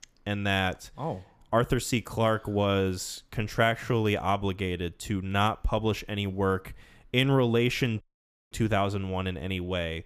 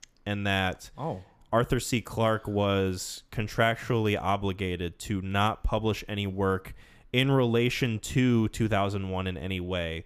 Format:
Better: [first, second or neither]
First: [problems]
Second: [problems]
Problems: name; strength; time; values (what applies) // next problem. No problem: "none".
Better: second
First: audio cutting out; at 8 s for 0.5 s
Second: none